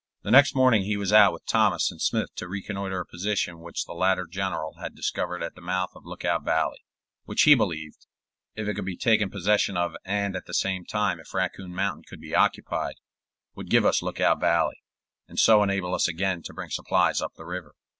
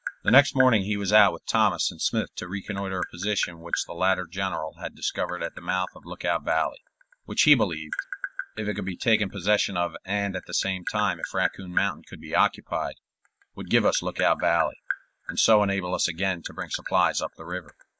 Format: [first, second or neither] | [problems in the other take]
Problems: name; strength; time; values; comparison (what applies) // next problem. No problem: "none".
first | background sound (Tap); 12 dB below the speech